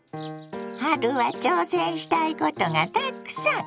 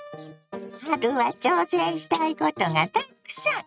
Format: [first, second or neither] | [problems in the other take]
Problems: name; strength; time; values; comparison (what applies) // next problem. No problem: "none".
first | noise reduction (neural mask model RNNoise)